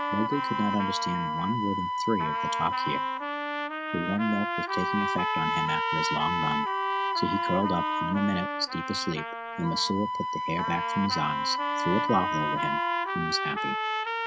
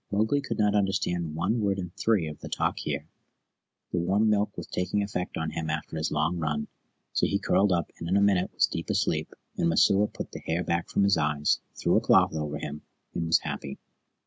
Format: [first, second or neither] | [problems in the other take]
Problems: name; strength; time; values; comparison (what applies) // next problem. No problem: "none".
second | background sound (Trumpet + Wind instrument, woodwind instrument); 2 dB above the speech